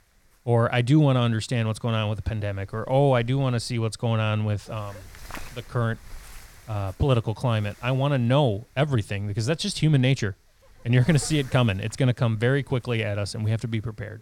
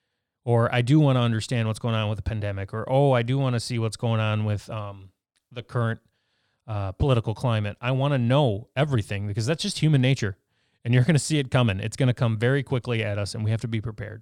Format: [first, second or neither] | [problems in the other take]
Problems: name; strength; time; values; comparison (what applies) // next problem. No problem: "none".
second | wind noise on the microphone; occasional gusts; 20 dB below the speech